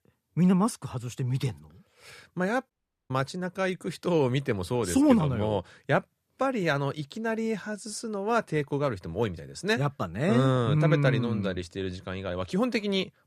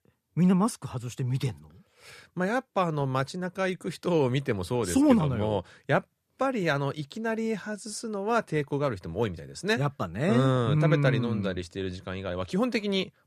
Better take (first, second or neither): second